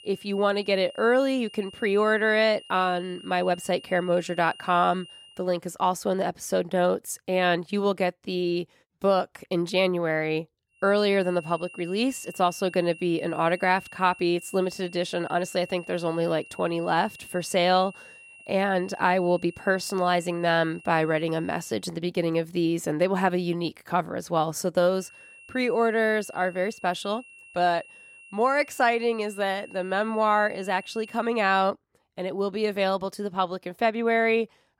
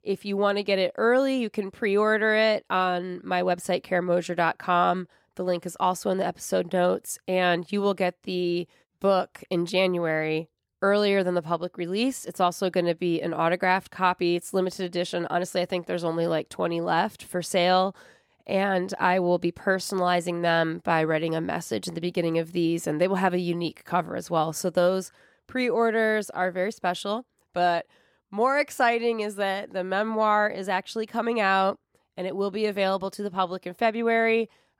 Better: second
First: high-pitched whine; noticeable; until 5.5 s, from 11 to 22 s and from 25 to 31 s; 2.5 kHz, 20 dB below the speech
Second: none

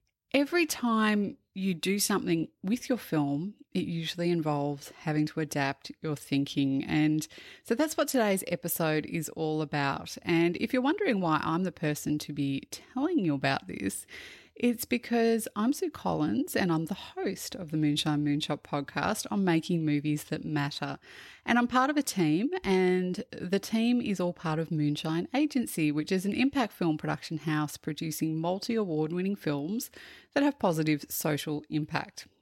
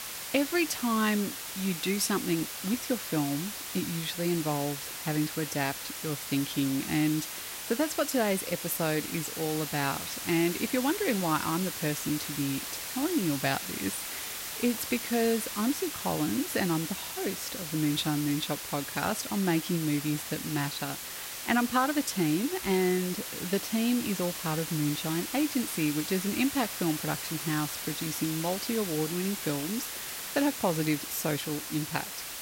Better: first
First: none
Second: hiss; loud; throughout; 5 dB below the speech

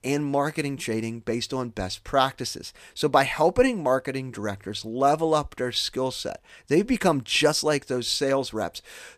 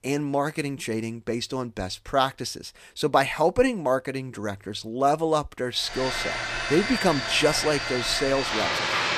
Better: first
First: none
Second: household noises; loud; from 6 s on; 2 dB below the speech

